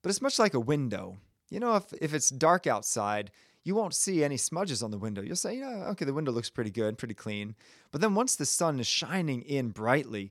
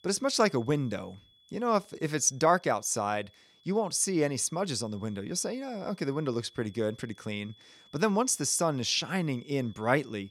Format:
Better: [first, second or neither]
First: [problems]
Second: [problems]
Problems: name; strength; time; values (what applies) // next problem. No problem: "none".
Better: first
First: none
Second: high-pitched whine; faint; throughout; 3.5 kHz, 30 dB below the speech